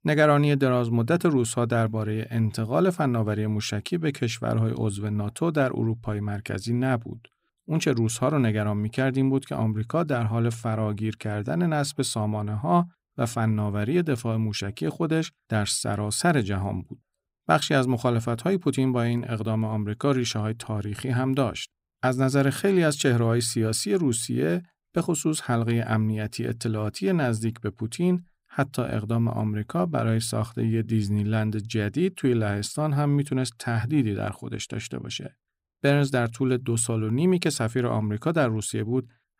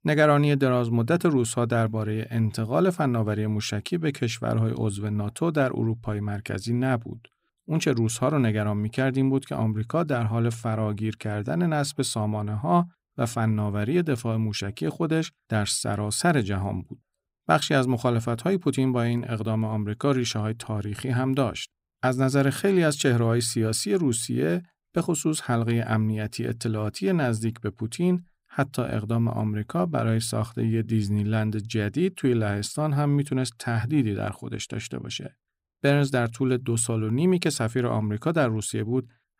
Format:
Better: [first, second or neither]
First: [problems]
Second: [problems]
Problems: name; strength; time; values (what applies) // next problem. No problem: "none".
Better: neither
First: none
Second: none